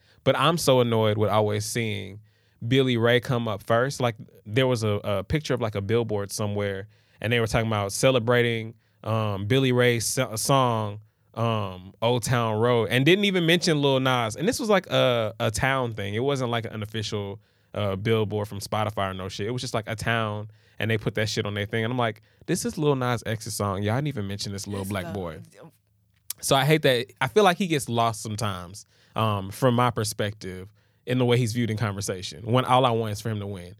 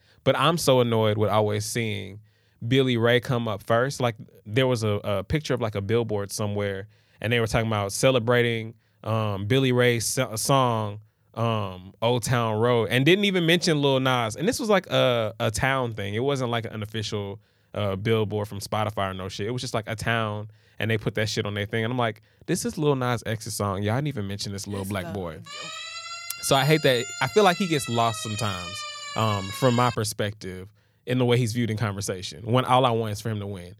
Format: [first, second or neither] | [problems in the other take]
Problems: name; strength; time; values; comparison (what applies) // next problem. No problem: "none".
first | siren; noticeable; from 25 to 30 s; peak 8 dB below the speech